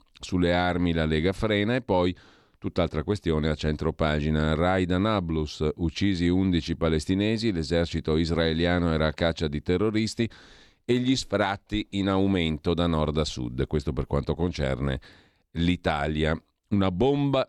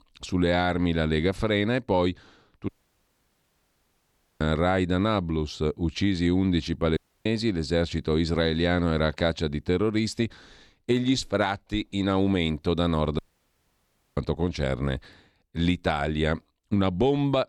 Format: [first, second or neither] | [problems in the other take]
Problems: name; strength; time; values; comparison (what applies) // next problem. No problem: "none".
first | audio cutting out; at 2.5 s for 1.5 s, at 7 s and at 13 s for 1 s